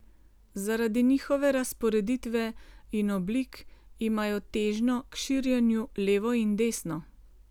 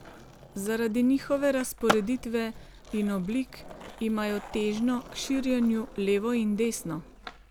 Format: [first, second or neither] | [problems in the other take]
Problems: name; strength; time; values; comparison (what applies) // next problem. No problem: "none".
first | background sound (Skateboard); 12 dB below the speech